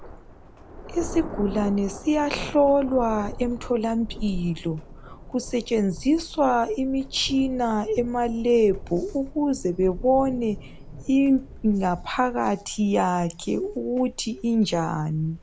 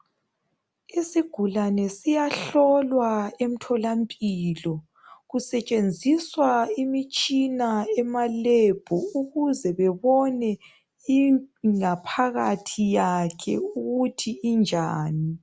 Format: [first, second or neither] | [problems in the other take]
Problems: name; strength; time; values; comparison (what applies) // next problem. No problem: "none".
second | background sound (Thunder); 14 dB below the speech